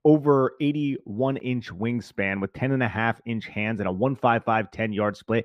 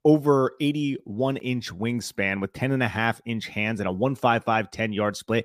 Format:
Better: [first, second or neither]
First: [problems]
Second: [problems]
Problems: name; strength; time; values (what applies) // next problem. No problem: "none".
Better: second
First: muffled; slightly; fading above 4 kHz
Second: none